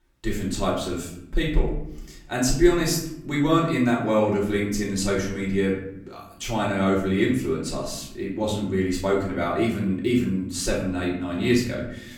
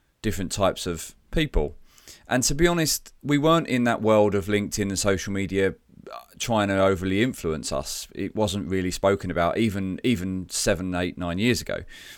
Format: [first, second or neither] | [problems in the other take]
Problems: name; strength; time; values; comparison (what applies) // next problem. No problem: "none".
second | off-mic speech; far // room echo; noticeable; dies away in 0.7 s